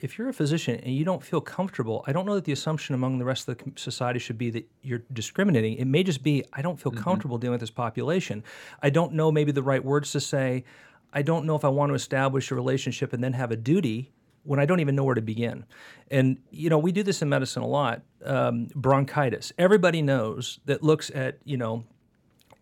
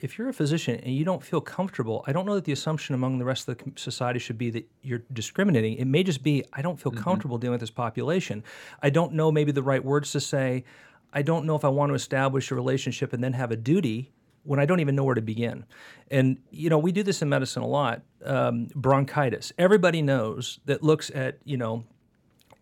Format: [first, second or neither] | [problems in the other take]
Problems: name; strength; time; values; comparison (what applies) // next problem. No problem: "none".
neither | none